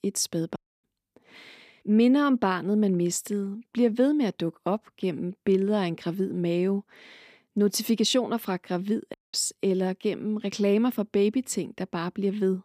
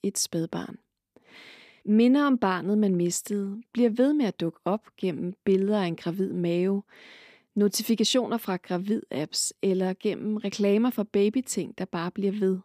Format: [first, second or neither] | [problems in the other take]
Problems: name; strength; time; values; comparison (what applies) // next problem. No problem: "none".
second | audio cutting out; at 0.5 s and at 9 s